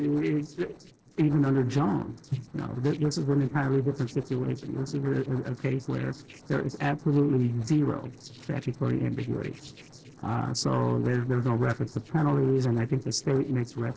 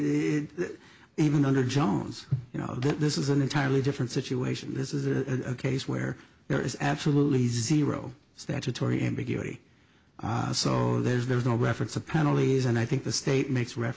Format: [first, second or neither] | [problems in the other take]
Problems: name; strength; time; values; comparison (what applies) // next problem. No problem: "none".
second | noise reduction (neural separator model SepFormer DNS4)